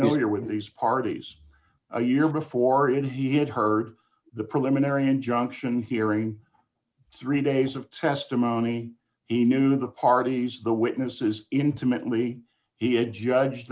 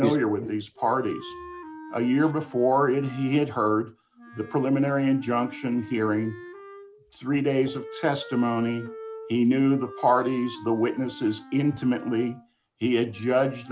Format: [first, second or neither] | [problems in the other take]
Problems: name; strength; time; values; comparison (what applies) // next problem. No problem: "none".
first | background sound (Wind instrument, woodwind instrument); 17 dB below the speech